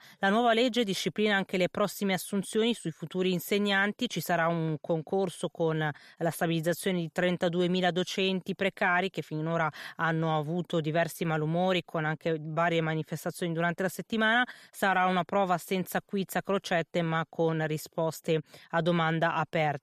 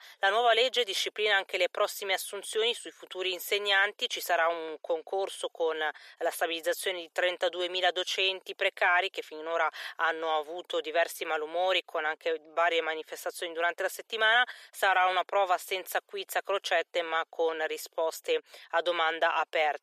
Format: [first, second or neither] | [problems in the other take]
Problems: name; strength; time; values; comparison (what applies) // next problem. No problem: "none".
first | thin; very; fading below 400 Hz